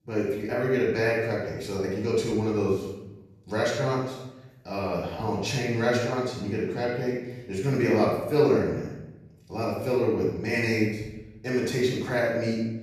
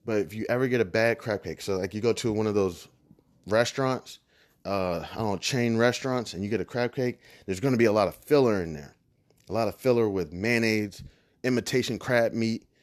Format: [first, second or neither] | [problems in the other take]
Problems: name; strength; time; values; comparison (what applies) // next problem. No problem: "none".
second | off-mic speech; far // room echo; noticeable; dies away in 0.9 s